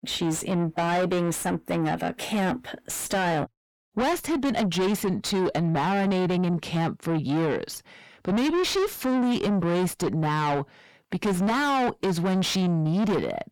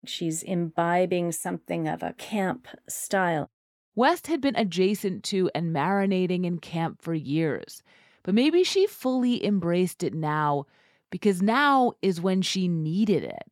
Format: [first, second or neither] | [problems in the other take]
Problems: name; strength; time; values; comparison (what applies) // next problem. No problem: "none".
second | distortion; heavy; 6 dB below the speech